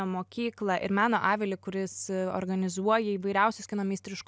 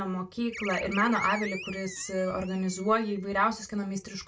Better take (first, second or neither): first